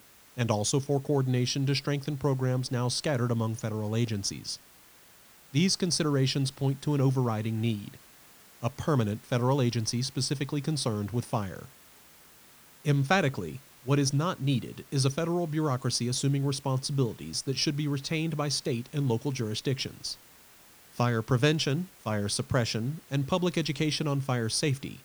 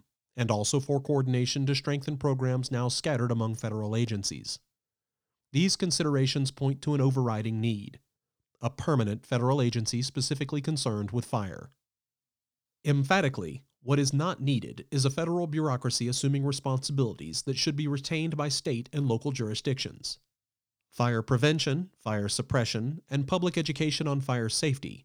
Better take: second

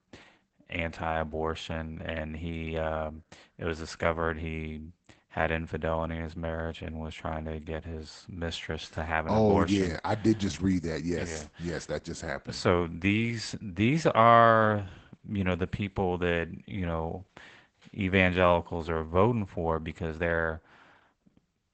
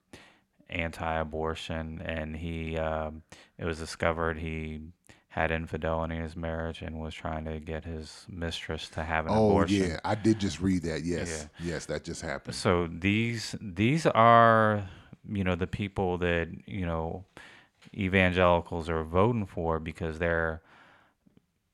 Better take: second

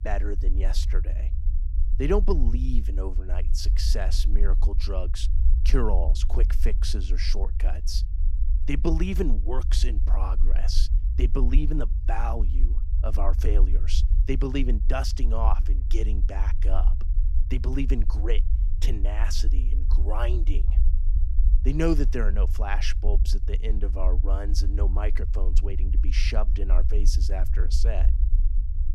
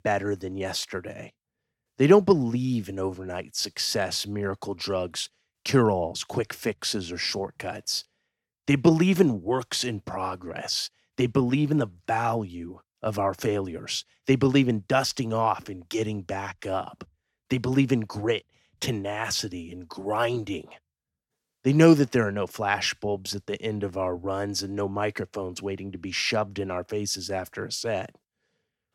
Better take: second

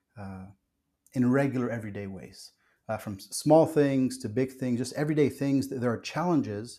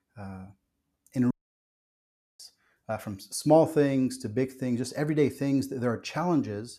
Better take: first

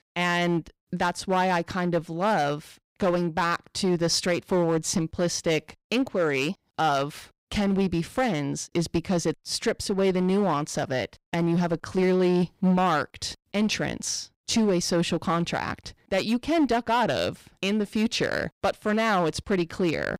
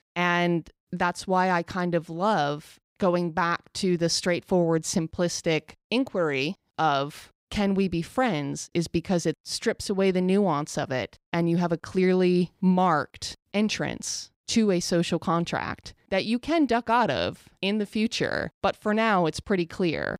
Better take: second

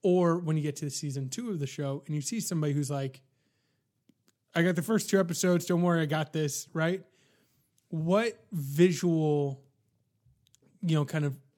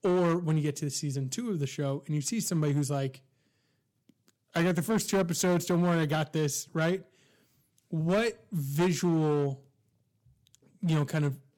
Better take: first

